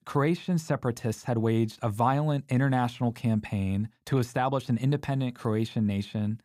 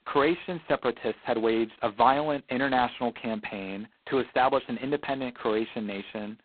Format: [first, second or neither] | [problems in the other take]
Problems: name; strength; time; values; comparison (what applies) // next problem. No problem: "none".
first | phone-call audio; poor line; nothing above 4 kHz